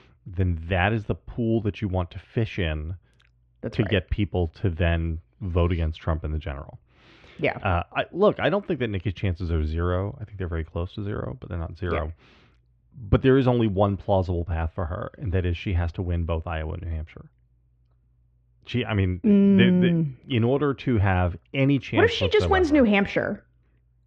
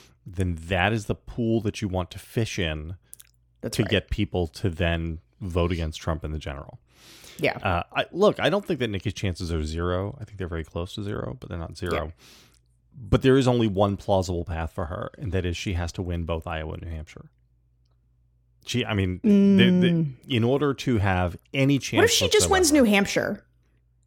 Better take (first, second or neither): second